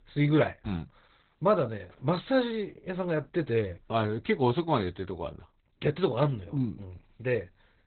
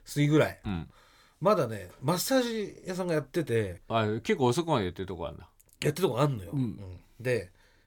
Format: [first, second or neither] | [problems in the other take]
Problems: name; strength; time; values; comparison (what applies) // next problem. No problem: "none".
second | garbled, watery; badly; nothing above 4 kHz